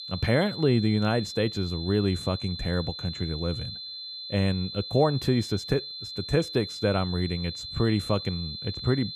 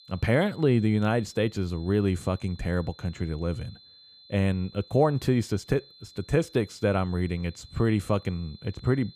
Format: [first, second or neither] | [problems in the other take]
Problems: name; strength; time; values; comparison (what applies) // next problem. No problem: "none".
second | high-pitched whine; loud; throughout; 4 kHz, 8 dB below the speech; faint in the second